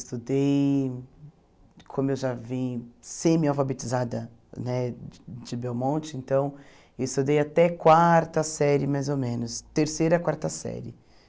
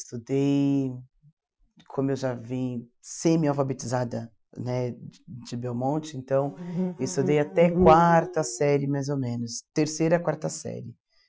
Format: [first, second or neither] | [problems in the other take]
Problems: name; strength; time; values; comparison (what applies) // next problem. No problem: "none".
first | noise reduction (classical method Wiener filter)